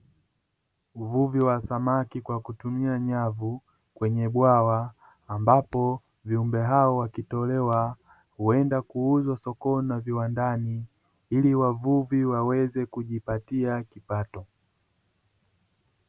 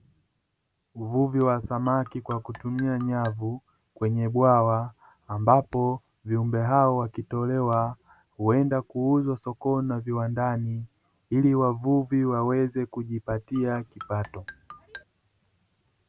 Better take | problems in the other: first | background sound (Marimba, xylophone); 19 dB below the speech

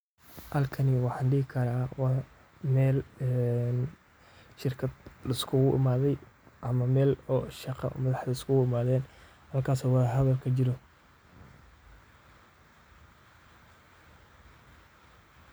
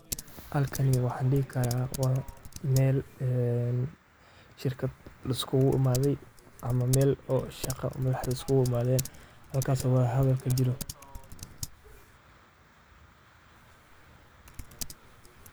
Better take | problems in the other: first | background sound (Typing); 14 dB below the speech

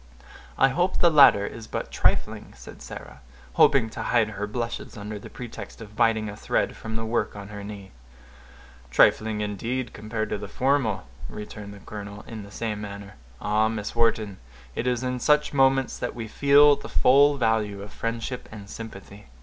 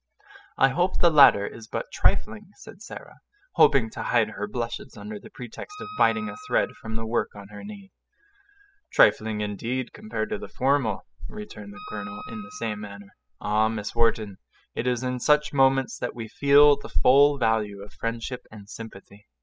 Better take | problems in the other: first | noise reduction (classical method spectral subtraction)

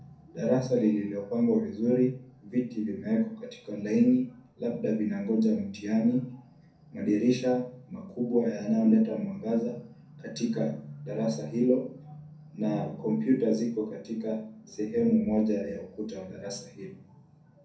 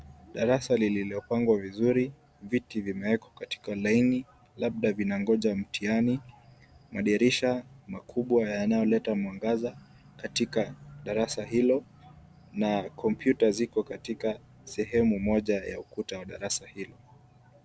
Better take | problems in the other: second | room echo; dies away in 0.5 s

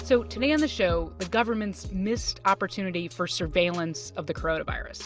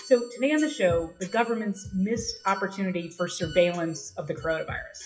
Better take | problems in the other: first | noise reduction (classical method WPE with log-MMSE)

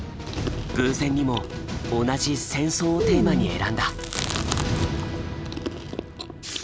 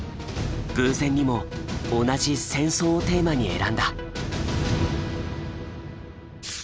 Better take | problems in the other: second | background sound (Chewing, mastication); 6 dB below the speech

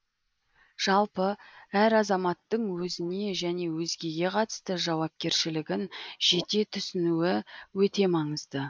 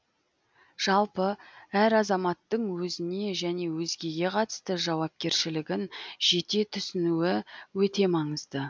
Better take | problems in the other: second | noise reduction (neural mask model Resemble Enhance denoiser)

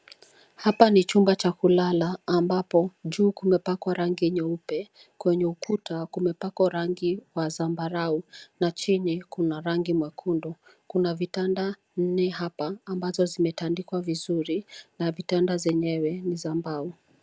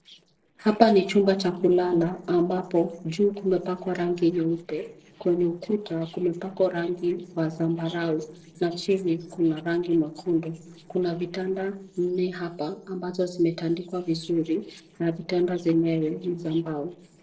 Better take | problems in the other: first | noise reduction (neural separator model SepFormer DNS4)

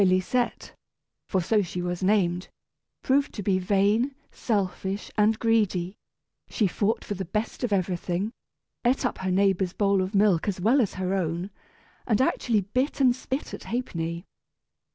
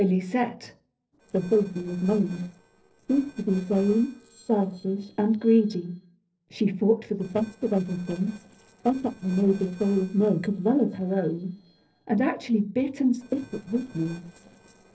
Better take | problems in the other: first | noise reduction (neural separator model SepFormer DNS4)

